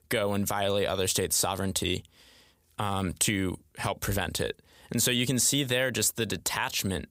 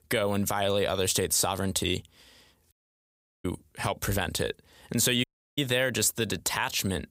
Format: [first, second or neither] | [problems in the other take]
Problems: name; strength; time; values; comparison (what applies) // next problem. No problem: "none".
first | audio cutting out; at 2.5 s for 0.5 s and at 5 s